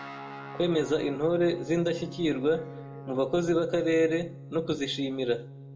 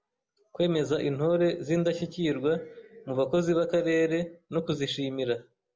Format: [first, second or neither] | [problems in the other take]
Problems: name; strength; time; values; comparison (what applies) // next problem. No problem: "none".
second | background sound (Guitar); 14 dB below the speech // room echo; dies away in 0.4 s